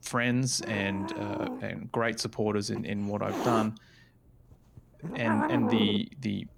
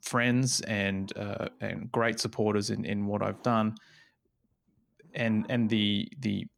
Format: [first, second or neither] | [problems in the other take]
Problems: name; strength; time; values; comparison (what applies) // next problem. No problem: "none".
second | hiss; loud; throughout; 3 dB below the speech; faint in the second